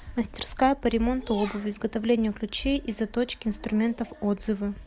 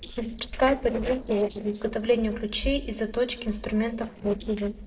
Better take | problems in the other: first | noise reduction (neural separator model SepFormer DNS4)

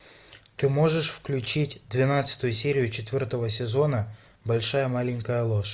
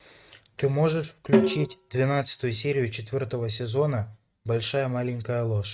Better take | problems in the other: first | noise reduction (neural mask model RNNoise)

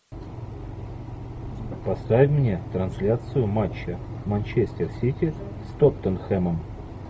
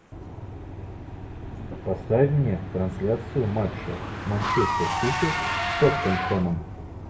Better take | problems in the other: first | background sound (Engine / Car); 5 dB below the speech // room echo; dies away in 0.6 s

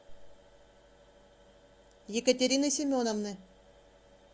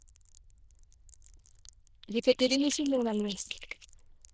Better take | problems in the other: first | noise reduction (neural diffusion model UNIVERSE++)

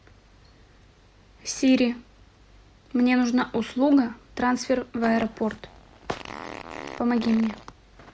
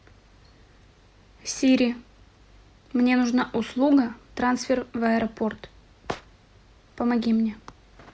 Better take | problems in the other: second | background sound (Fart); 14 dB below the speech

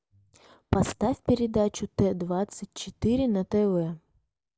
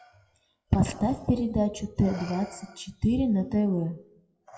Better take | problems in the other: first | noise reduction (classical method WPE with log-MMSE)

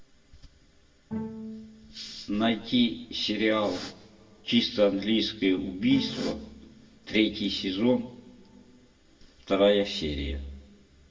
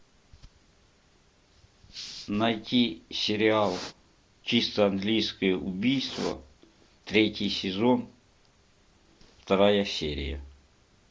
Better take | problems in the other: second | background sound (Bowed string instrument); 14 dB below the speech // room echo; dies away in 0.9 s

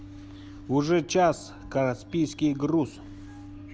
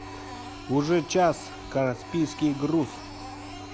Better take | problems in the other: first | background sound (Printer); 15 dB below the speech

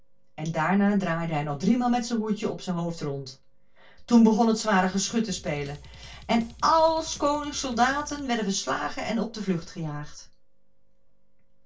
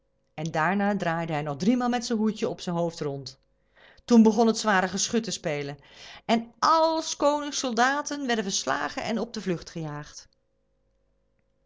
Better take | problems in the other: second | background sound (Drum kit); 20 dB below the speech // room echo; dies away in 0.1 s

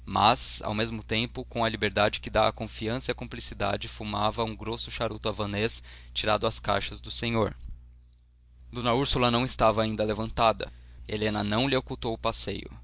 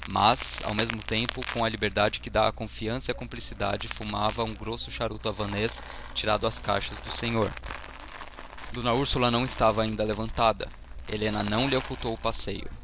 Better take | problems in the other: first | background sound (Crumpling, crinkling); 11 dB below the speech

